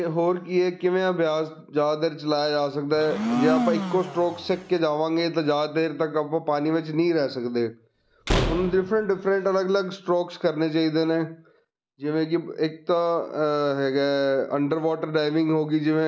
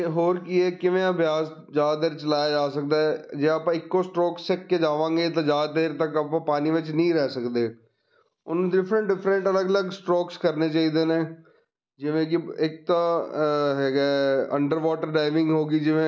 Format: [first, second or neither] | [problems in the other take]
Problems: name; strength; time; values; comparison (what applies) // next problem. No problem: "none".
second | background sound (Domestic sounds, home sounds + Slam); 4 dB below the speech